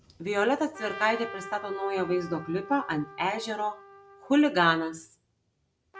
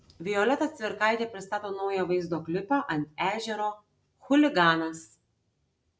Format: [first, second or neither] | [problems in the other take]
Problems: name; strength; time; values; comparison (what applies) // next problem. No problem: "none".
second | background sound (Trumpet); 16 dB below the speech